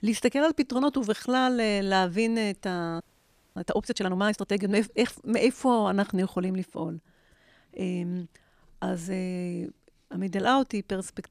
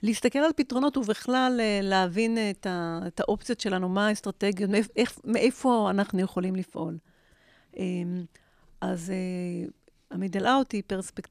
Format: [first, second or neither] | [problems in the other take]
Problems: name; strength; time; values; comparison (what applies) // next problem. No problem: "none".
second | audio freezing; at 3 s for 0.5 s